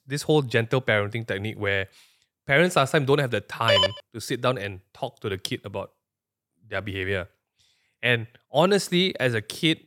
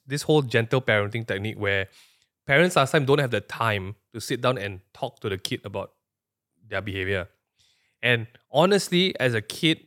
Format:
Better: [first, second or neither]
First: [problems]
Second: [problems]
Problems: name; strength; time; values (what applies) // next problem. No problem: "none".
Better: second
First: phone ringing; loud; at 3.5 s; peak 4 dB above the speech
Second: none